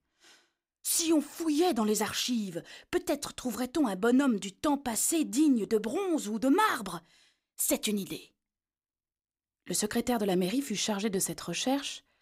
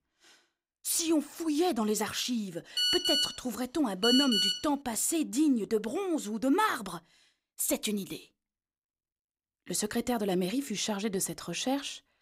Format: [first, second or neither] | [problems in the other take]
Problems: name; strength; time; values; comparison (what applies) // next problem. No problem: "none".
first | phone ringing; loud; from 3 to 4.5 s; peak 6 dB above the speech